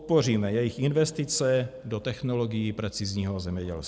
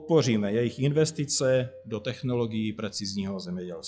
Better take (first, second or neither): first